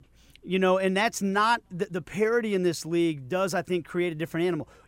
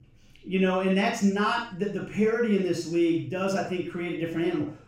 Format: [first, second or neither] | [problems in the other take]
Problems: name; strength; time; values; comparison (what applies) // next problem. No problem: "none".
first | room echo; noticeable; dies away in 0.4 s // off-mic speech; far